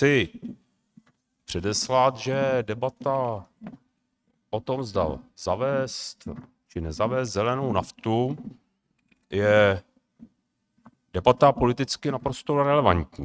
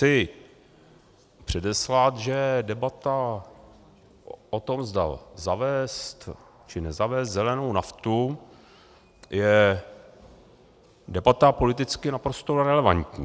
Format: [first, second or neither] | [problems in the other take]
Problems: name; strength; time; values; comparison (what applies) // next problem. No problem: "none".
second | noise reduction (neural mask model RNNoise)